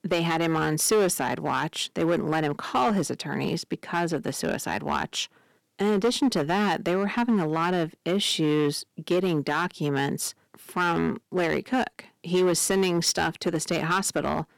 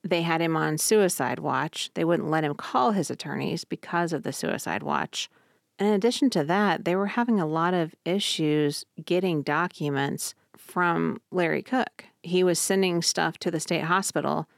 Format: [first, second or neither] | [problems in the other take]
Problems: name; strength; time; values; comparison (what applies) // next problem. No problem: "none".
second | distortion; slight; 5% of the sound clipped